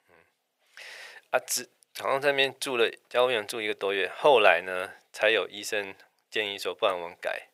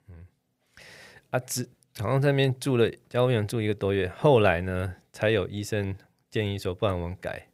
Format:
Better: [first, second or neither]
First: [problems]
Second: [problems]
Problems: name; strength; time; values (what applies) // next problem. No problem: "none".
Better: second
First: thin; very; fading below 650 Hz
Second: none